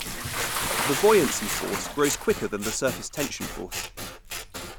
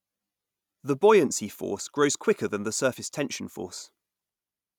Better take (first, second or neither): second